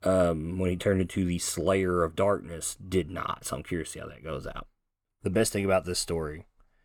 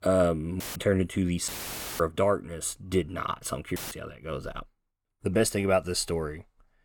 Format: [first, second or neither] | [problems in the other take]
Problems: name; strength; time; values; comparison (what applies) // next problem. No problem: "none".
first | audio cutting out; filled with static; at 0.5 s, at 1.5 s for 0.5 s and at 4 s